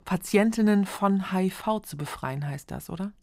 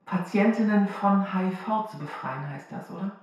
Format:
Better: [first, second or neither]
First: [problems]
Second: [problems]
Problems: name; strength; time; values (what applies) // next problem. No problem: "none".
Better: first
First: none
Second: room echo; noticeable; dies away in 0.6 s // off-mic speech; far